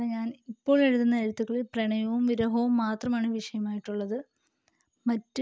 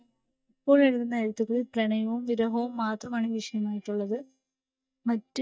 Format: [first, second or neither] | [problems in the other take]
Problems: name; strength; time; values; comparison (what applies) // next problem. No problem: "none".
first | noise reduction (neural mask model DeepFilterNet 3)